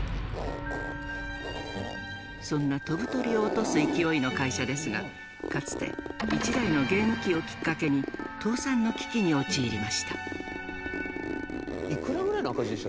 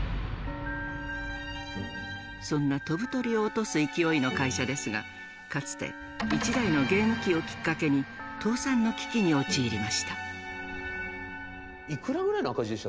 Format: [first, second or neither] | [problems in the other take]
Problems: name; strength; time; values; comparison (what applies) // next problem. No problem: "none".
second | background sound (Zipper (clothing)); 7 dB below the speech